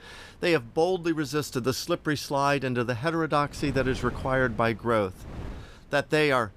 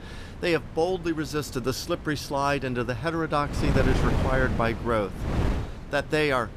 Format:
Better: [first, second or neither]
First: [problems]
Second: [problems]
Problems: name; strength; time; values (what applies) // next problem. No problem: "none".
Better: first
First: wind noise on the microphone; occasional gusts; 20 dB below the speech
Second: wind noise on the microphone; heavy; 9 dB below the speech